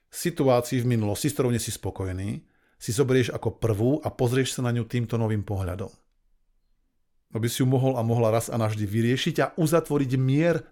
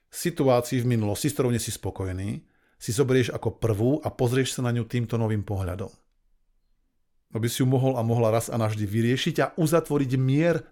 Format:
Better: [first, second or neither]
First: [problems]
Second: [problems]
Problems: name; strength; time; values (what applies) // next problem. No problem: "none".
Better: neither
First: none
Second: none